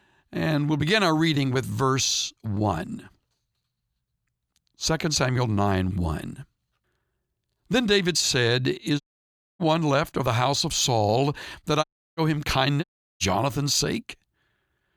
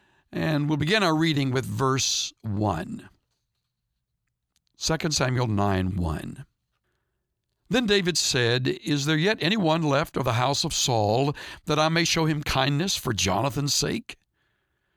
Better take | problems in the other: second | audio cutting out; at 9 s for 0.5 s, at 12 s and at 13 s

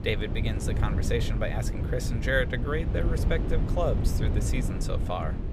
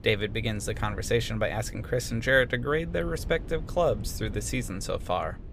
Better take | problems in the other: second | low rumble; loud; throughout; 8 dB below the speech; faint in the second

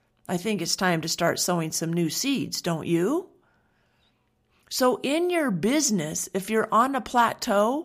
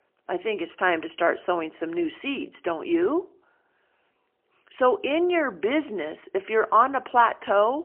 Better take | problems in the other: first | phone-call audio; poor line; nothing above 3 kHz

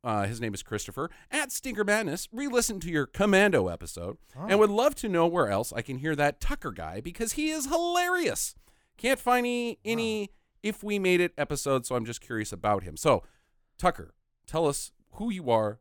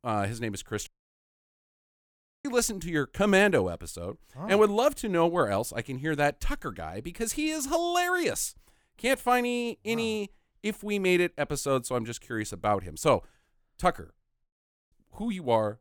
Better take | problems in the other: first | audio cutting out; at 1 s for 1.5 s and at 14 s

